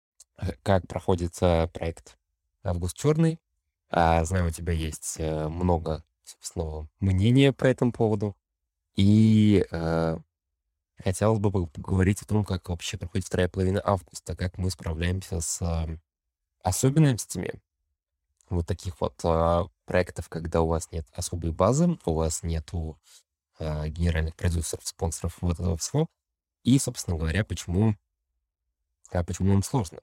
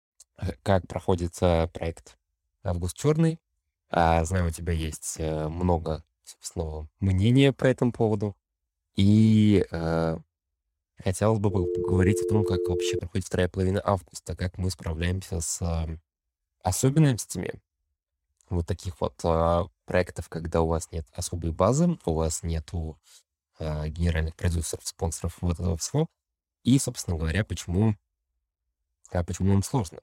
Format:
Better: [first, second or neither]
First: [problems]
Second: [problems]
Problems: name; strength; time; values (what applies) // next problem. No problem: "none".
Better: first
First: none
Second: phone ringing; noticeable; from 12 to 13 s; peak 1 dB below the speech